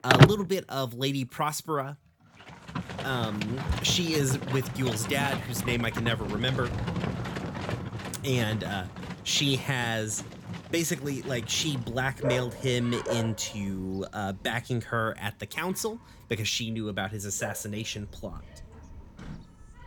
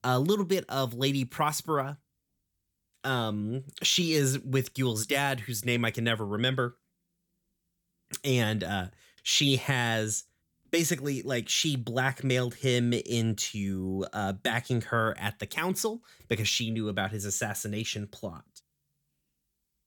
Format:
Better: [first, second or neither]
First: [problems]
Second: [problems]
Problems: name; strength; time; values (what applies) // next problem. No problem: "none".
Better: second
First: animal sounds; loud; throughout; 3 dB below the speech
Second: none